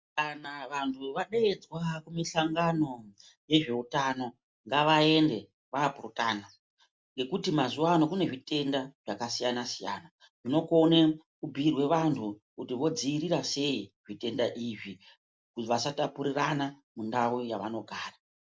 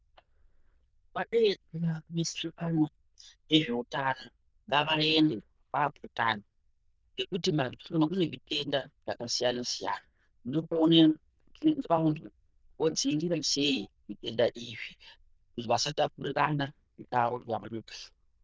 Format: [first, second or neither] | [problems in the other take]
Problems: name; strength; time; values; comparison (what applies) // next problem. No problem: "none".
first | noise reduction (neural diffusion model UNIVERSE++)